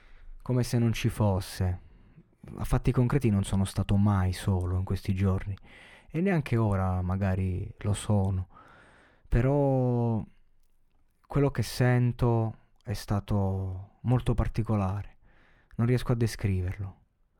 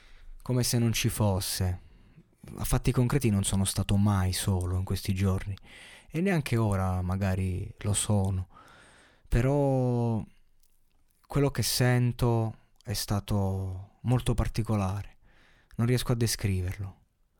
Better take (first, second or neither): second